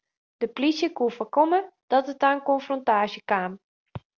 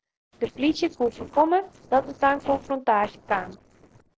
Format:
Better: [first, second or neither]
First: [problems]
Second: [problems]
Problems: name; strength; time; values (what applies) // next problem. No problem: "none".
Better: first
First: none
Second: noise reduction (neural separator model SepFormer DNS4)